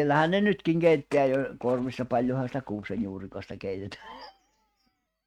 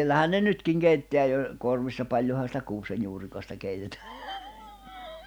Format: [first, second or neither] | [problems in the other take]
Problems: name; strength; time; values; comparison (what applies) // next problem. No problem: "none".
second | noise reduction (neural mask model RNNoise)